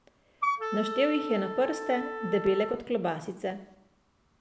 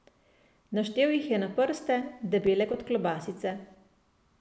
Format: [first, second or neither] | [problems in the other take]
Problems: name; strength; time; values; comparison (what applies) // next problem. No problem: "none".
second | background sound (Wind instrument, woodwind instrument); 4 dB below the speech